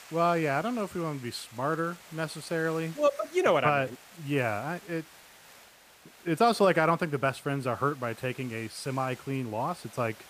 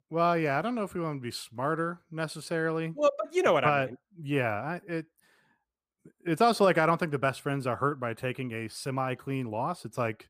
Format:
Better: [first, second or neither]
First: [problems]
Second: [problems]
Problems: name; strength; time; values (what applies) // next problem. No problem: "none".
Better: second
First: hiss; faint; throughout; 20 dB below the speech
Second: none